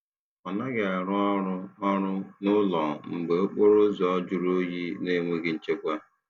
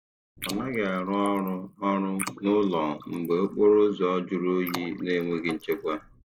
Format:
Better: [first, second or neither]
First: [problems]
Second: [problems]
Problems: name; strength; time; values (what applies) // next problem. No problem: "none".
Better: first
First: none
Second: noise reduction (neural mask model Resemble Enhance denoiser)